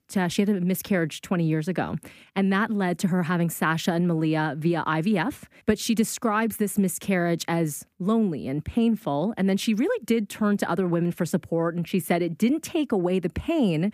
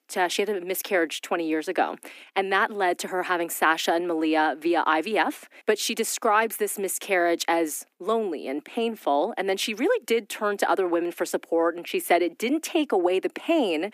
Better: first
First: none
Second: thin; very; fading below 300 Hz

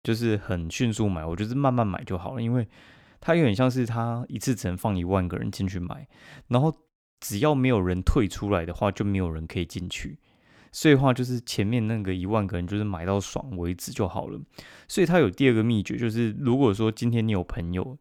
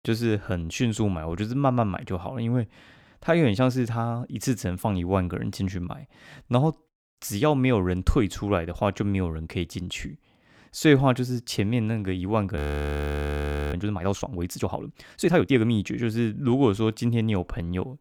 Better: first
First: none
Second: audio freezing; at 13 s for 1 s

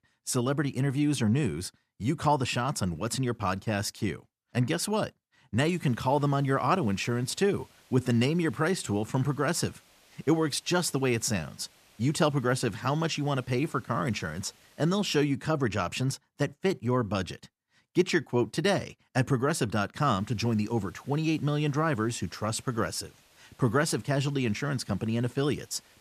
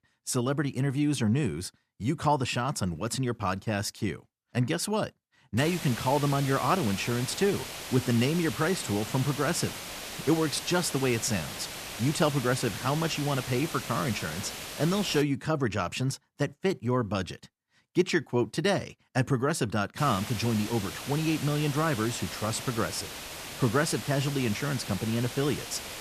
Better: first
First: hiss; faint; from 5.5 to 15 s and from 20 s on; 30 dB below the speech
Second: hiss; loud; from 5.5 to 15 s and from 20 s on; 8 dB below the speech

